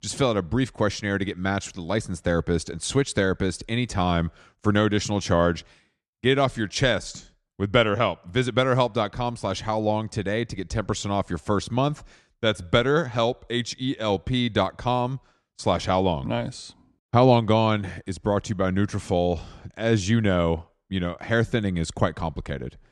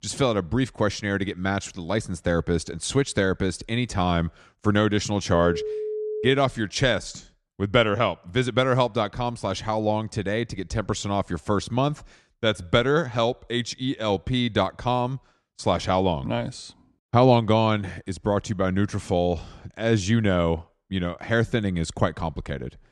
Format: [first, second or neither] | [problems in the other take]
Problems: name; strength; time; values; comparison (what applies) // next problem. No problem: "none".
first | phone ringing; noticeable; at 5.5 s; peak 5 dB below the speech